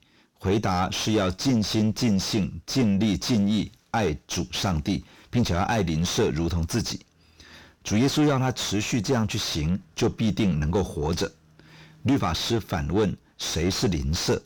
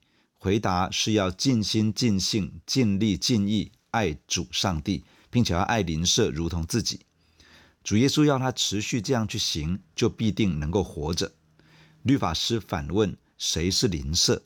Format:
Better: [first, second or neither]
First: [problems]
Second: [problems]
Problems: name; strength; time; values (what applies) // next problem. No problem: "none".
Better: second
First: distortion; heavy; 6 dB below the speech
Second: none